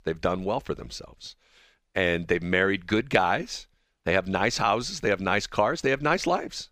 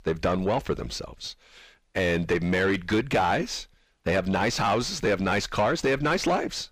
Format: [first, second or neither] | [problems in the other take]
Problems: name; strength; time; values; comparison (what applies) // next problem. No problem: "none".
first | distortion; heavy; 7 dB below the speech